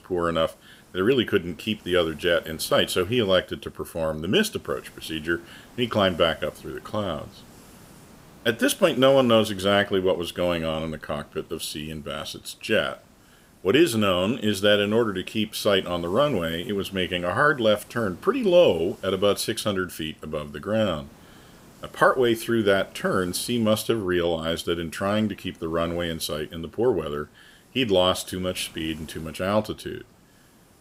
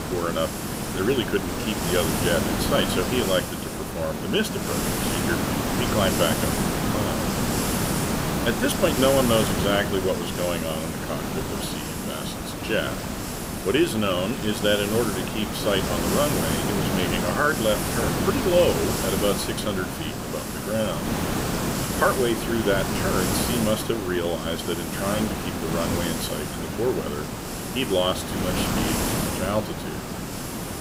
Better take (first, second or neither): first